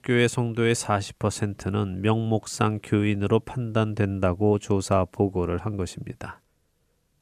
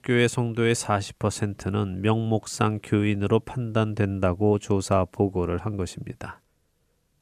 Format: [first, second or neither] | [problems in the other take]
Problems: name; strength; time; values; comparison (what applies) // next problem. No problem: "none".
neither | none